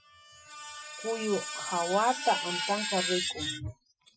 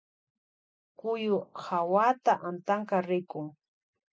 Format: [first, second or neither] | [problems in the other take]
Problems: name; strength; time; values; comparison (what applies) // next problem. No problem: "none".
second | noise reduction (classical method Wiener filter)